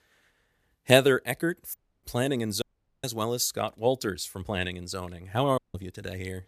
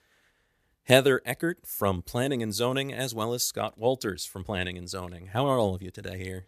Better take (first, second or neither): second